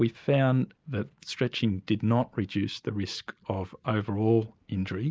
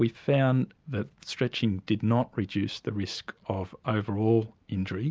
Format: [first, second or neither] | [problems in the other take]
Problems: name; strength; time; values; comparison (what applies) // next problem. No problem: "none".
second | noise reduction (neural mask model Resemble Enhance denoiser)